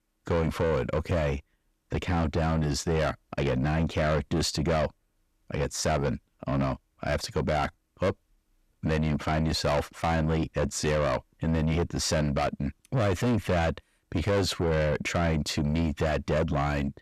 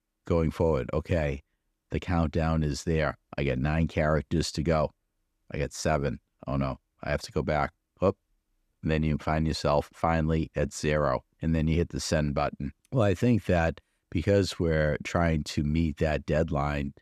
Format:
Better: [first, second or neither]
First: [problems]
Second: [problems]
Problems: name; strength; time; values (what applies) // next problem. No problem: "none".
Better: second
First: distortion; heavy; 7 dB below the speech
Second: none